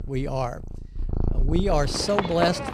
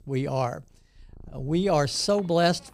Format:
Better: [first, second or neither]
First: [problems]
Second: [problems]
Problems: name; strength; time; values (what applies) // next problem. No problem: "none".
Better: second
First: animal sounds; loud; throughout; 4 dB below the speech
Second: animal sounds; faint; throughout; 25 dB below the speech